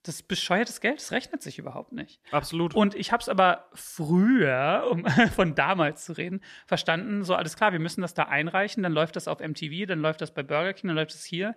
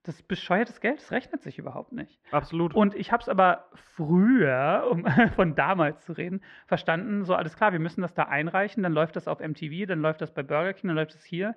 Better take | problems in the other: first | muffled; very; fading above 2 kHz

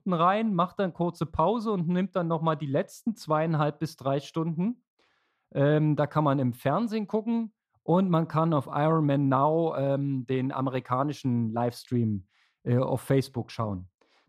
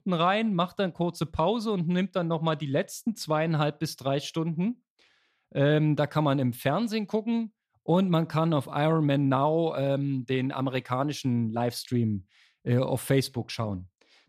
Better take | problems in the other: second | muffled; slightly; fading above 1.5 kHz

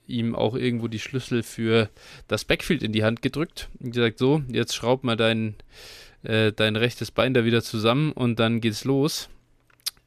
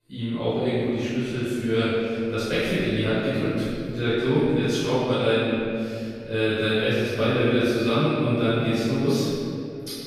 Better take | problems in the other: first | room echo; strong; dies away in 2.3 s // off-mic speech; far

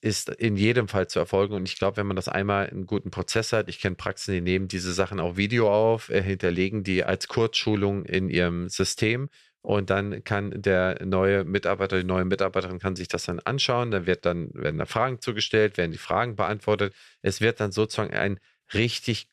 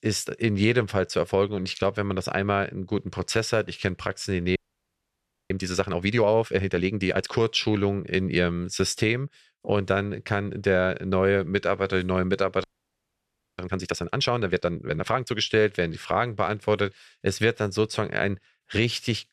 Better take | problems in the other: first | audio freezing; at 4.5 s for 1 s and at 13 s for 1 s

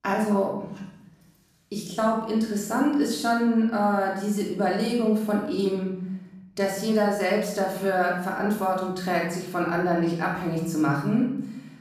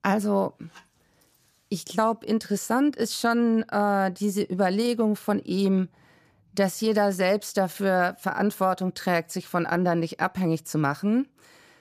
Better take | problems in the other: second | off-mic speech; far // room echo; noticeable; dies away in 0.8 s

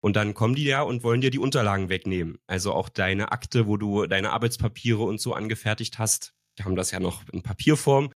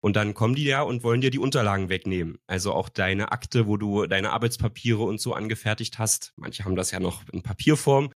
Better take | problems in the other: second | audio freezing; at 6.5 s

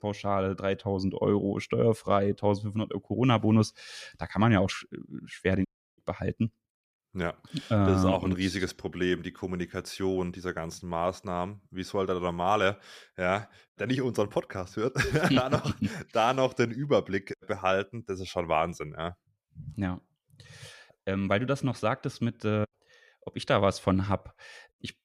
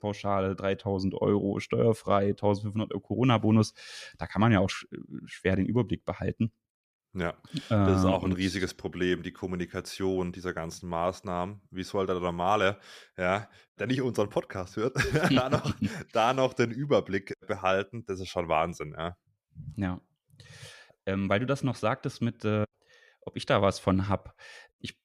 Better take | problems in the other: second | audio cutting out; at 5.5 s

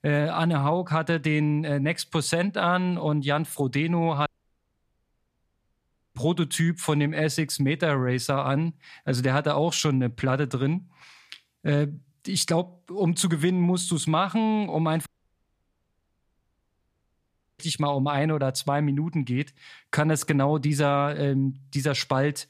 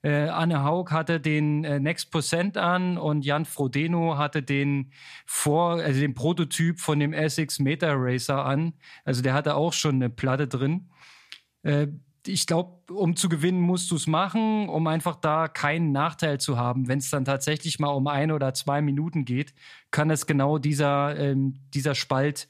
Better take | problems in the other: second | audio cutting out; at 4.5 s for 2 s and at 15 s for 2.5 s

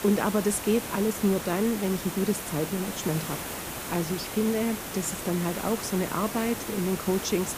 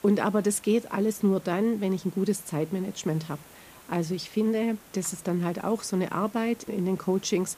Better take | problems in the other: second | hiss; loud; throughout; 6 dB below the speech; faint in the second

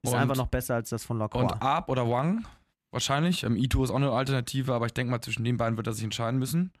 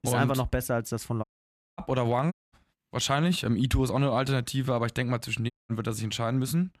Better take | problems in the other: first | audio cutting out; at 1 s for 0.5 s, at 2.5 s and at 5.5 s

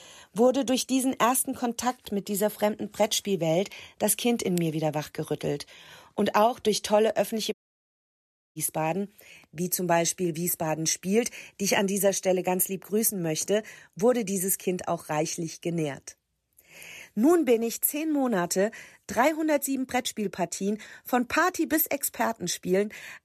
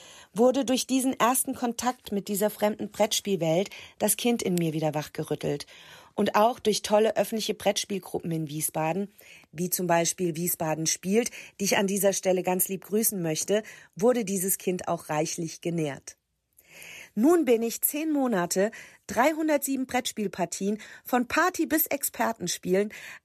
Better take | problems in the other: second | audio cutting out; at 7.5 s for 1 s

